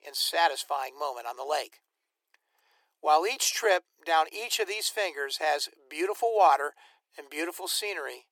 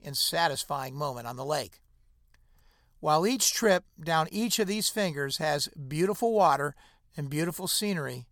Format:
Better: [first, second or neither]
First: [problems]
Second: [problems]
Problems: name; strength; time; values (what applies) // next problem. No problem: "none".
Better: second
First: thin; very; fading below 300 Hz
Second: none